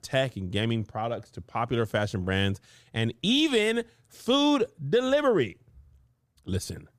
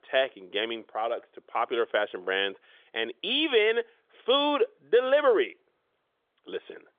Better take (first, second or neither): first